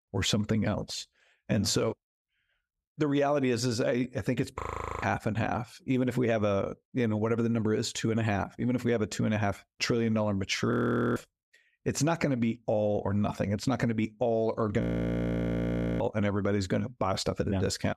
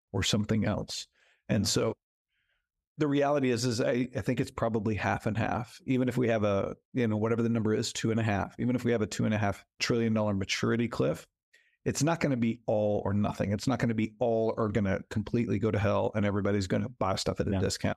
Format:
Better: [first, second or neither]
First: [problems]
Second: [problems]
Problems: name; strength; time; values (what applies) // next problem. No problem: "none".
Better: second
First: audio freezing; at 4.5 s, at 11 s and at 15 s for 1 s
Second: none